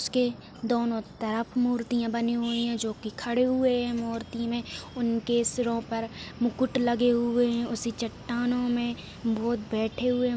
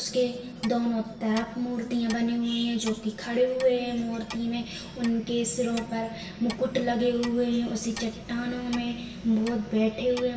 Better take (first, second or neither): first